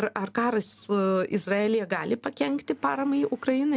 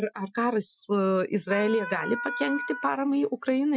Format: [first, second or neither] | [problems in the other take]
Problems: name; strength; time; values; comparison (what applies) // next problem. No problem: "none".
first | noise reduction (classical method Wiener filter)